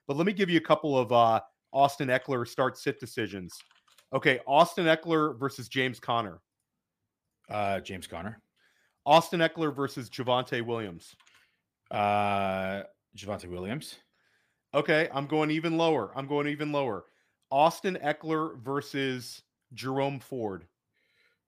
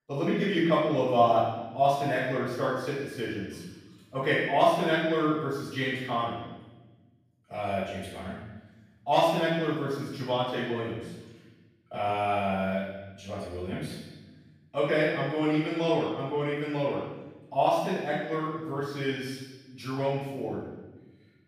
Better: first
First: none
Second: room echo; strong; dies away in 1 s // off-mic speech; far

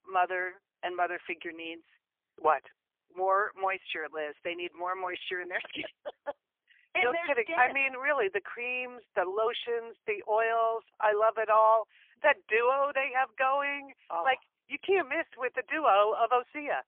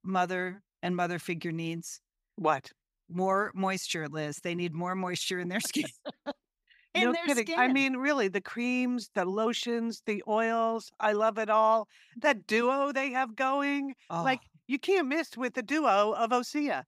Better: second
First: phone-call audio; poor line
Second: none

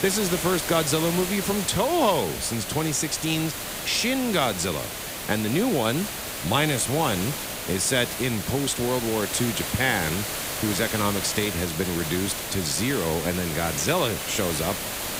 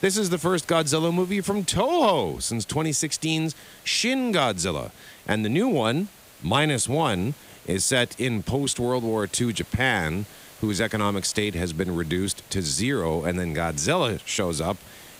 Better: second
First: hiss; loud; throughout; 4 dB below the speech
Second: hiss; faint; throughout; 20 dB below the speech

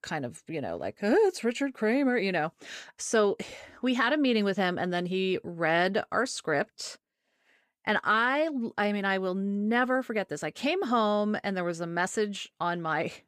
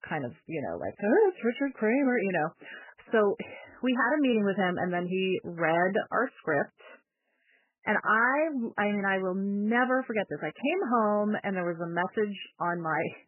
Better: first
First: none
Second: garbled, watery; badly; nothing above 3 kHz

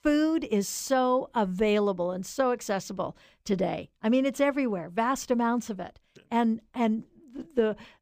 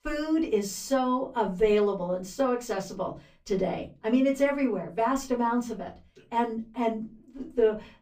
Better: first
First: none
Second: off-mic speech; far // room echo; very slight; dies away in 0.3 s

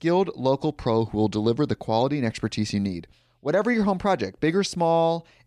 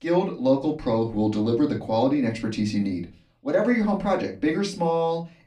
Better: first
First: none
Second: off-mic speech; far // room echo; very slight; dies away in 0.2 s

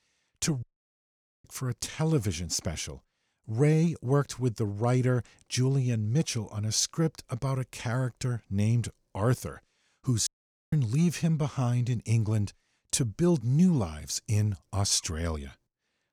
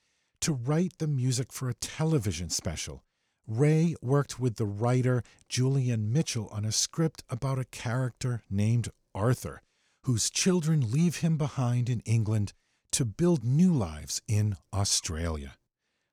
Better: second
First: audio cutting out; at 0.5 s for 1 s and at 10 s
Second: none

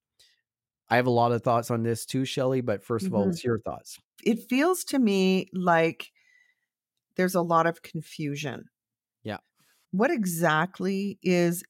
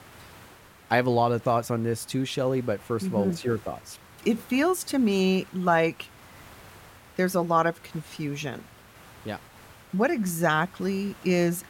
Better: first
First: none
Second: hiss; faint; throughout; 25 dB below the speech

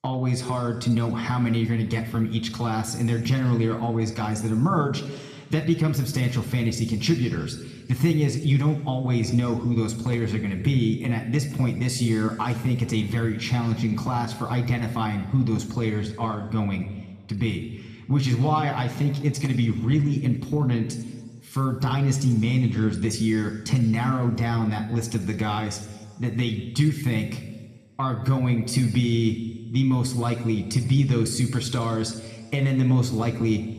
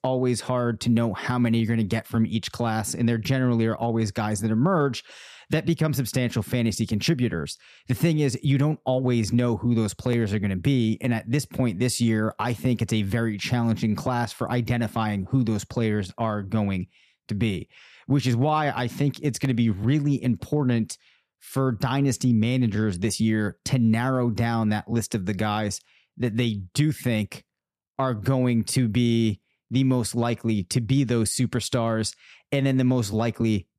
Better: second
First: room echo; slight; dies away in 1.3 s // off-mic speech; somewhat distant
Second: none

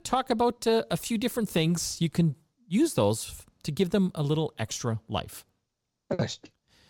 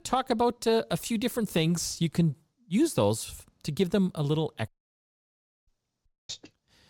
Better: first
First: none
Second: audio cutting out; at 4.5 s for 1 s and at 6 s

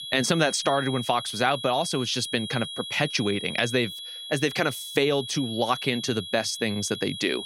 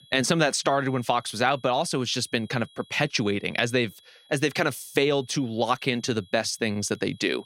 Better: second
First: high-pitched whine; loud; throughout; 3.5 kHz, 8 dB below the speech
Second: high-pitched whine; faint; throughout; 3.5 kHz, 30 dB below the speech

